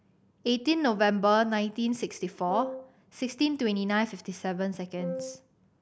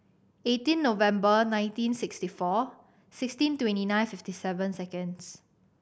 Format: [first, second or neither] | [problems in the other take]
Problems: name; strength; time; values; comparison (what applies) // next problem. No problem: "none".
second | background sound (Wind instrument, woodwind instrument); 9 dB below the speech